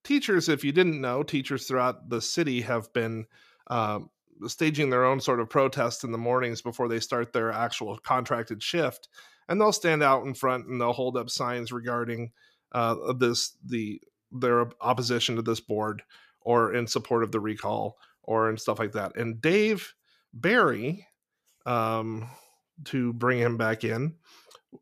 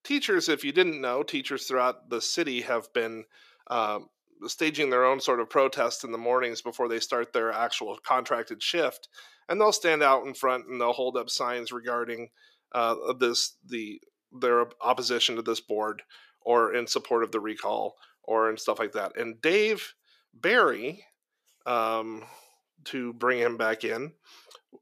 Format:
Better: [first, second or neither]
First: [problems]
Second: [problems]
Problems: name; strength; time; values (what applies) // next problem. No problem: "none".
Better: first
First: none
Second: thin; somewhat; fading below 400 Hz